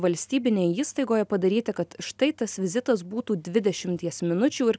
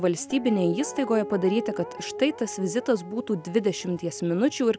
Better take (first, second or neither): first